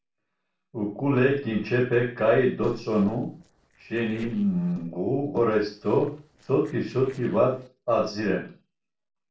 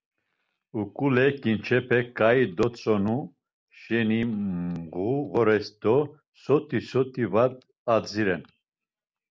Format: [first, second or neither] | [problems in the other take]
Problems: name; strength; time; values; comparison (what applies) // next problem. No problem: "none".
second | noise reduction (neural separator model SepFormer DNS4)